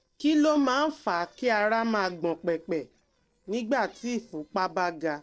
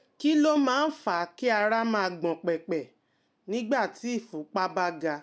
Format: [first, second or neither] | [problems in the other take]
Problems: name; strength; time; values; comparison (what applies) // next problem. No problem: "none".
second | noise reduction (neural separator model SepFormer DNS4)